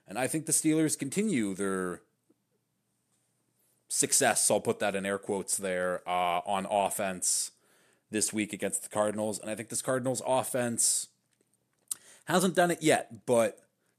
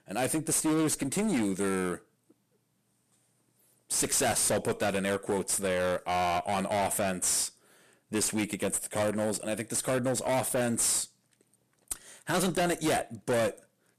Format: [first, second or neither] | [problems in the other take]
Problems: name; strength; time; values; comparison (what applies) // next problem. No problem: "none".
first | distortion; heavy; 17% of the sound clipped